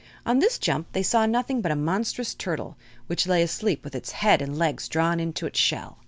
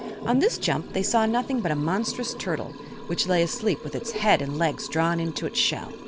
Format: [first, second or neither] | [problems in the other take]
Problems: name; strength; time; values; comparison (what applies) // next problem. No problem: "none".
first | background sound (Liquid); 12 dB below the speech